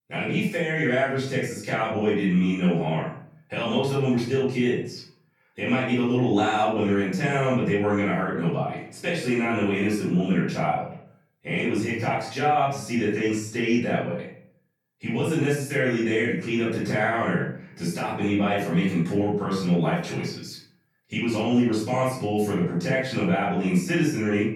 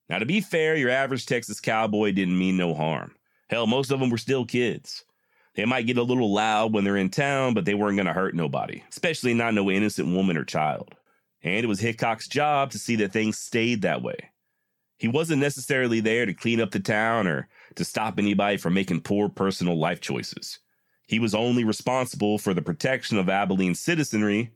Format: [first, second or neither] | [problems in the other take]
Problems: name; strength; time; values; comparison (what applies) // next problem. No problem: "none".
second | off-mic speech; far // room echo; noticeable; dies away in 0.5 s